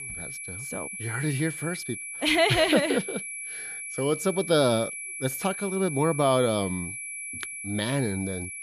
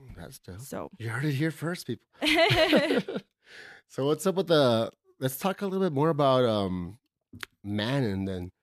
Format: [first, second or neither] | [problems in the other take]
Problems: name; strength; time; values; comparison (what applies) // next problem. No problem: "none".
second | high-pitched whine; loud; throughout; 2.5 kHz, 8 dB below the speech